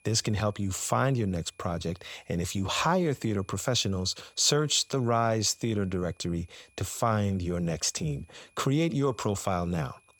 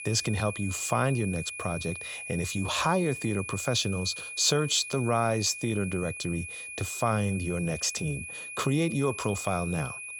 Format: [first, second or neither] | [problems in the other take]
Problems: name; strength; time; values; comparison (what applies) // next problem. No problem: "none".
first | high-pitched whine; loud; throughout; 2.5 kHz, 8 dB below the speech; faint in the first